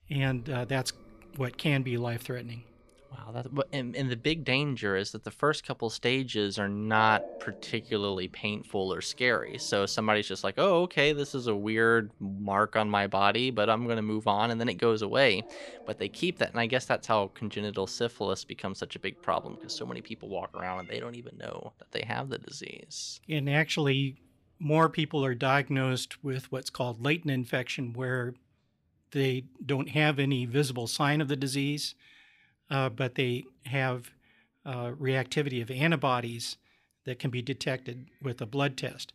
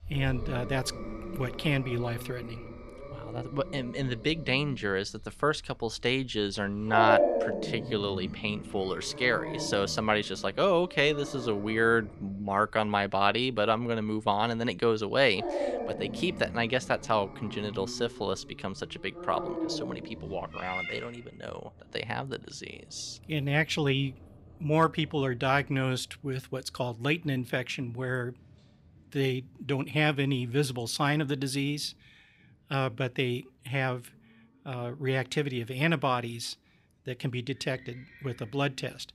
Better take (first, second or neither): first